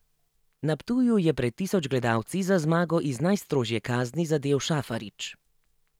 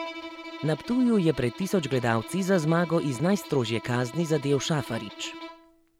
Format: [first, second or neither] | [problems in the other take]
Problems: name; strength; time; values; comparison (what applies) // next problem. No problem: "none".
first | background sound (Bowed string instrument); 15 dB below the speech